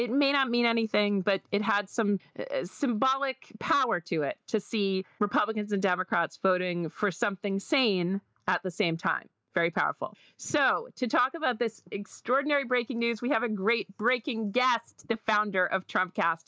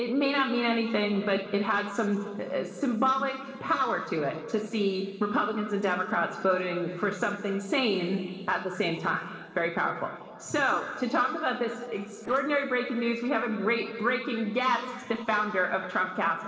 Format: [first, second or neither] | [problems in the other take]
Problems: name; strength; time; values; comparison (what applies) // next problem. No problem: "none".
first | noise reduction (neural separator model SepFormer DNS4)